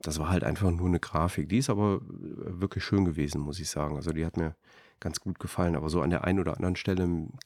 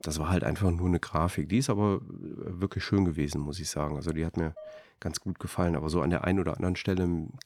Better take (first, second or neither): first